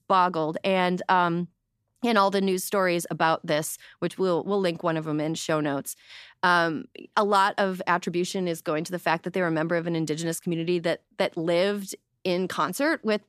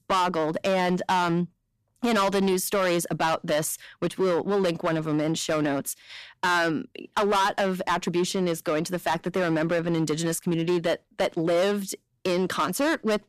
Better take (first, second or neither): first